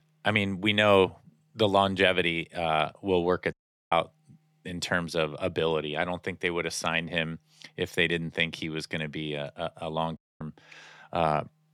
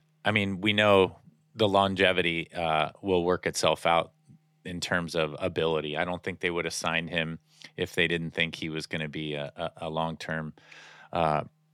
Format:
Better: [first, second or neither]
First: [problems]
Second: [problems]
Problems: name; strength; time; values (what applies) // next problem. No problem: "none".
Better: second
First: audio cutting out; at 3.5 s and at 10 s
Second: none